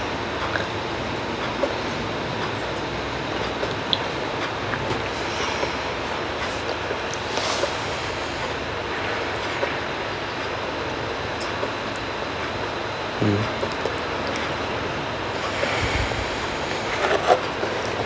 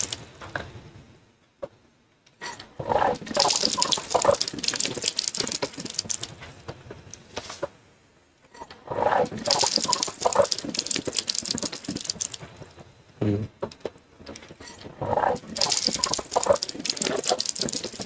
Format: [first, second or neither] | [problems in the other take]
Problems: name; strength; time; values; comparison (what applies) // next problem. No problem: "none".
first | noise reduction (neural mask model RNNoise)